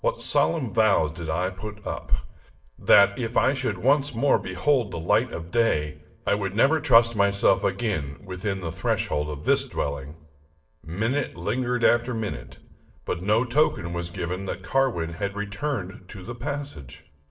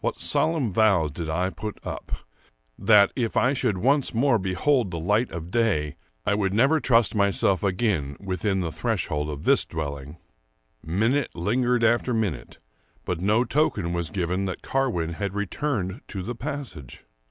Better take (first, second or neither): second